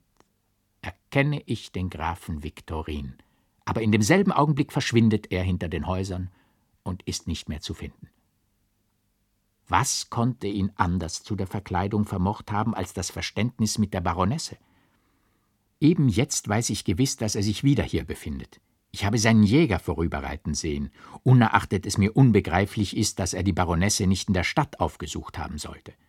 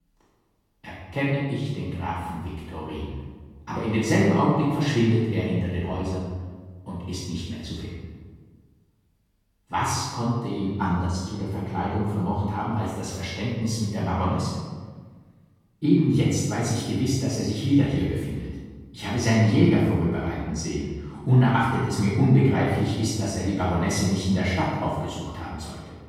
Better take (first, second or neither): first